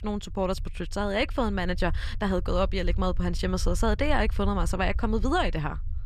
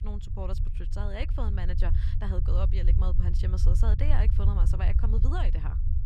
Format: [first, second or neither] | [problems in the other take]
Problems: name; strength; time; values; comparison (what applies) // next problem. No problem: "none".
first | low rumble; loud; throughout; 5 dB below the speech; faint in the first